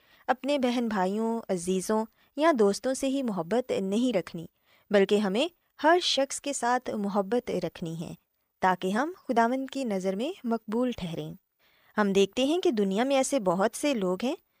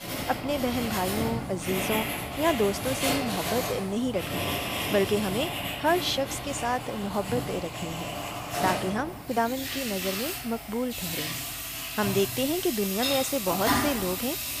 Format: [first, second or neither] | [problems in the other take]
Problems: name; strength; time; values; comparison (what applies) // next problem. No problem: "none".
first | household noises; loud; throughout; 1 dB below the speech